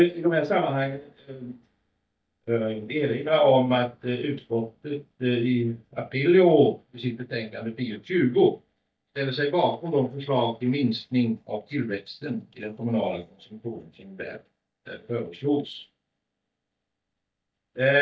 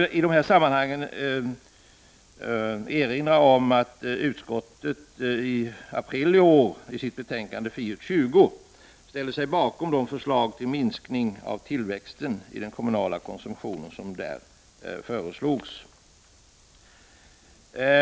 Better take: second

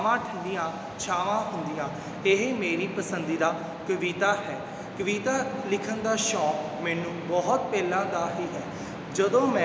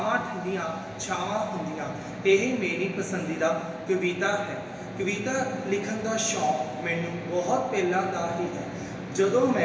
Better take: first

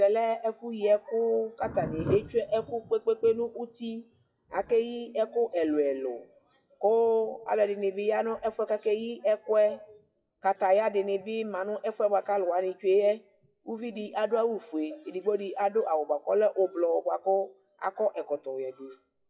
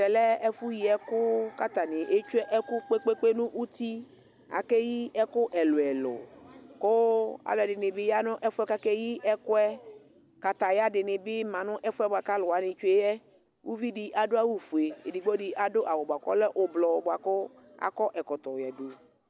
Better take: second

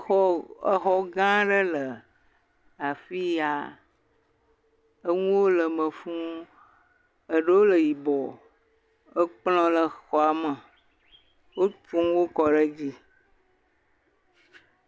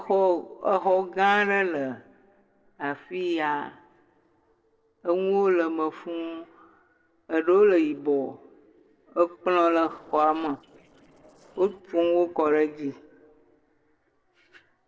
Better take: first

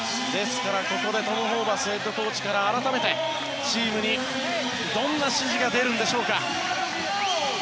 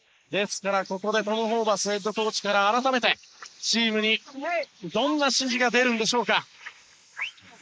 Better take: first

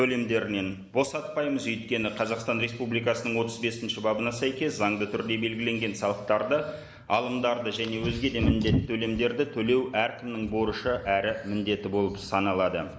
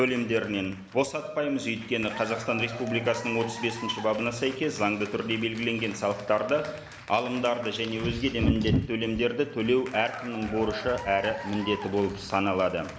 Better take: first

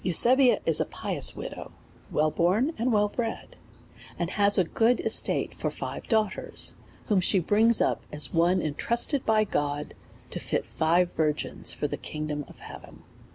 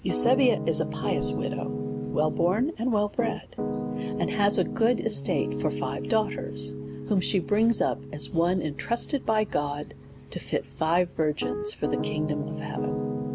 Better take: first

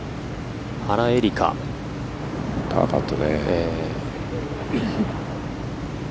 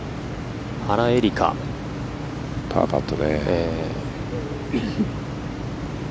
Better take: second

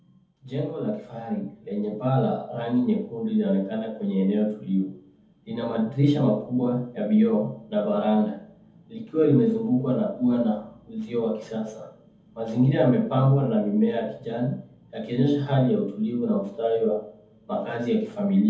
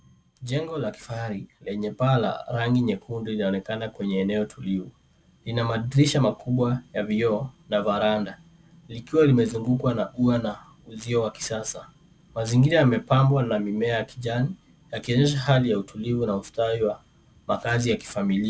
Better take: second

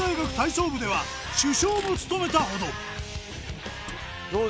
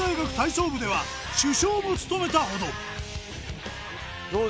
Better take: second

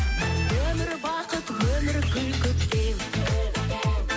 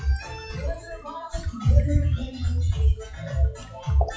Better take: first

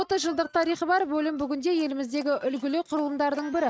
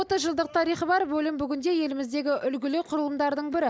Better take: second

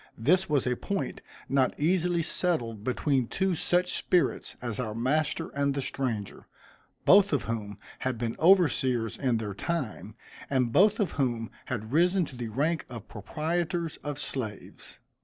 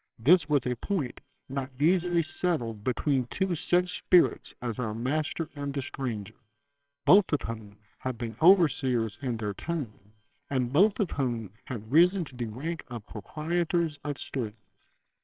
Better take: first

